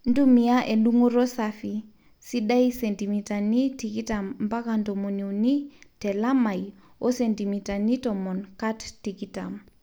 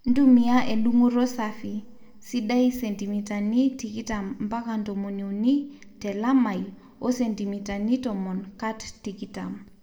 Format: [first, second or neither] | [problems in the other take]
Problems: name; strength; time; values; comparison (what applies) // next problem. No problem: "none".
first | room echo; dies away in 1.9 s